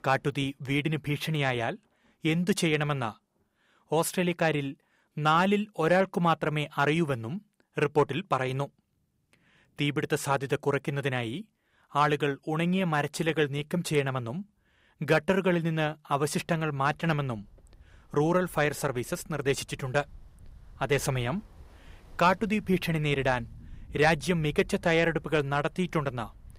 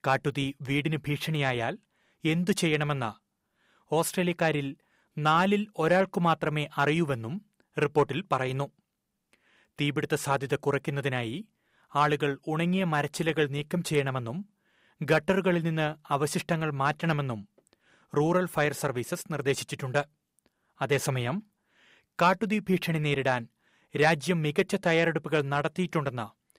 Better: second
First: rain or running water; faint; throughout; 25 dB below the speech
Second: none

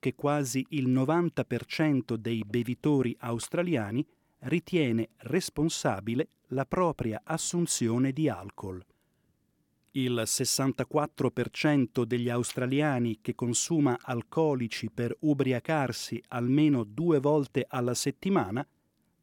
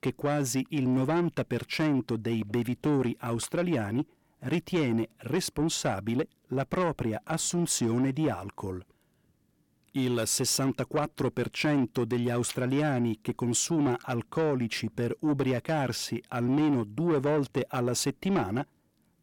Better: first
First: none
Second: distortion; slight; 10 dB below the speech

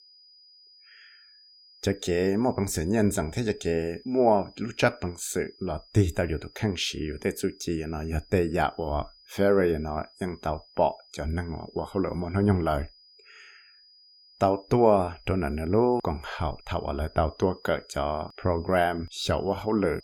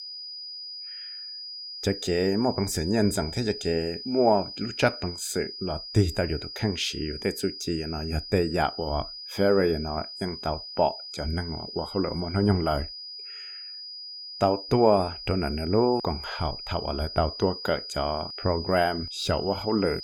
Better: first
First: high-pitched whine; faint; throughout; 5 kHz, 25 dB below the speech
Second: high-pitched whine; loud; throughout; 5 kHz, 9 dB below the speech

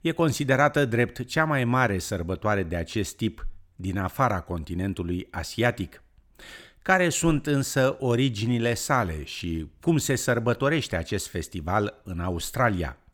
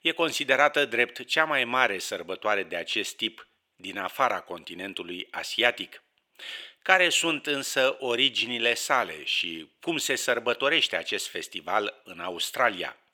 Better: first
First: none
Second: thin; somewhat; fading below 500 Hz

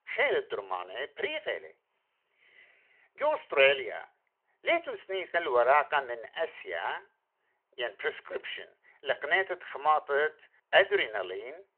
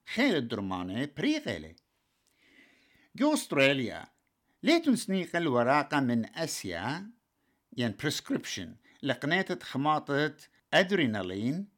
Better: second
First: phone-call audio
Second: none

